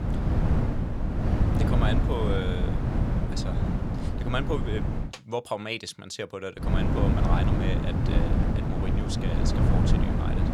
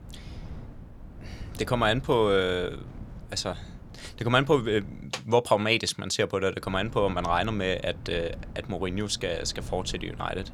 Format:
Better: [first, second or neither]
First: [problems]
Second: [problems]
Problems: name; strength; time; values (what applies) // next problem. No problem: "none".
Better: second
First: wind noise on the microphone; heavy; until 5 s and from 6.5 s on; as loud as the speech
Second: wind noise on the microphone; occasional gusts; until 5 s and from 6.5 s on; 25 dB below the speech